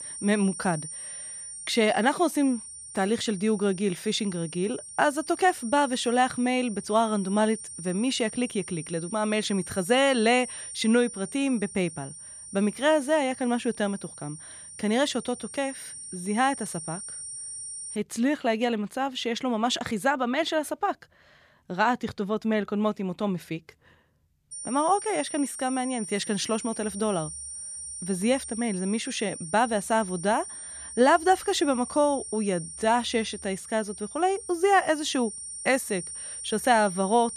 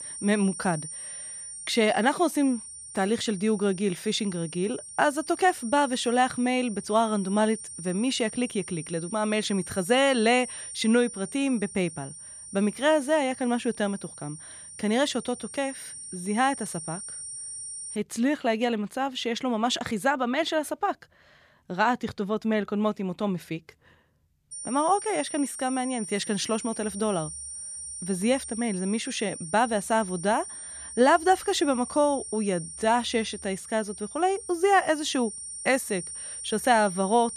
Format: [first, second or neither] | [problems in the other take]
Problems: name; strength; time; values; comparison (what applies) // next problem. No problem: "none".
neither | high-pitched whine; noticeable; until 18 s and from 25 s on; 9 kHz, 10 dB below the speech; the same in both